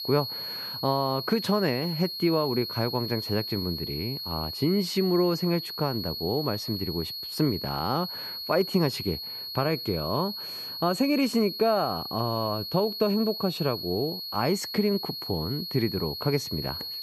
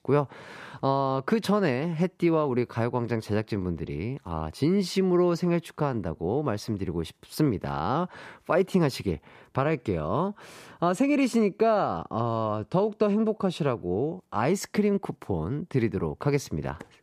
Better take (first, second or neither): second